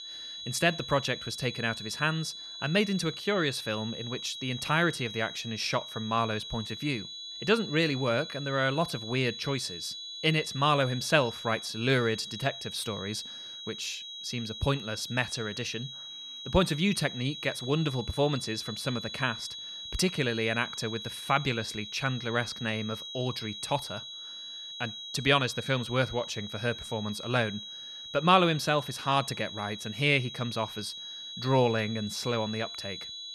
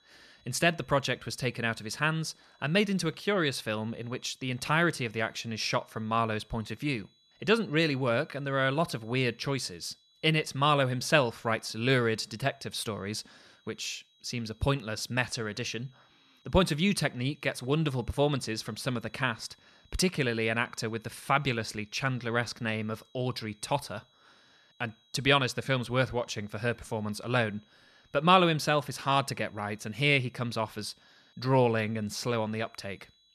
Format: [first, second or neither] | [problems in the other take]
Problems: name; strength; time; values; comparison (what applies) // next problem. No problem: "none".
second | high-pitched whine; loud; throughout; 4 kHz, 9 dB below the speech; faint in the second